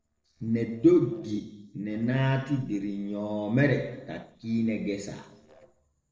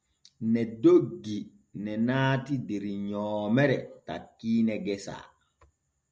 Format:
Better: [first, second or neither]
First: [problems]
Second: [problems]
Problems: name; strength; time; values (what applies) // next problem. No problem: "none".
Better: second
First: noise reduction (neural separator model SepFormer DNS4)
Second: none